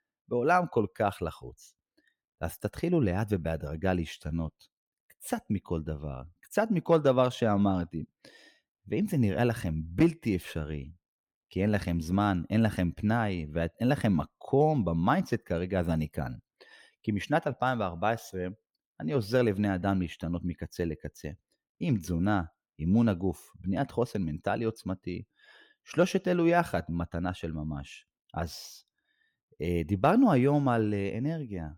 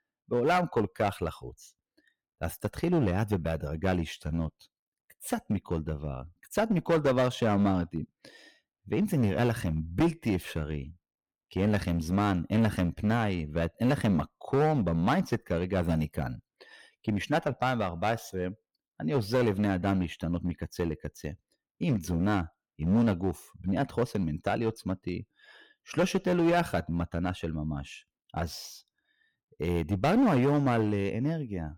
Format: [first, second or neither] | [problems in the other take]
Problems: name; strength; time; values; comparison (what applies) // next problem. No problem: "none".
first | distortion; slight; 6% of the sound clipped